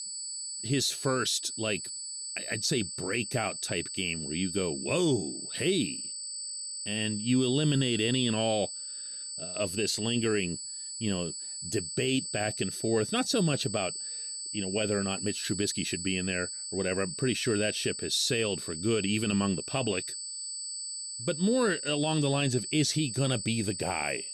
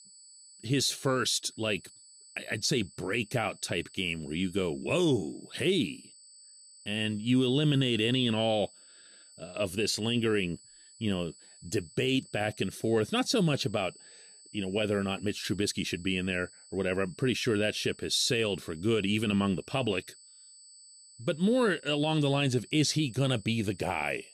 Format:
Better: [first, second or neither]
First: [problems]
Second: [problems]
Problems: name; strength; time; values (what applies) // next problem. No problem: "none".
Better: second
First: high-pitched whine; loud; throughout; 8 kHz, 5 dB below the speech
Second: high-pitched whine; faint; throughout; 8 kHz, 20 dB below the speech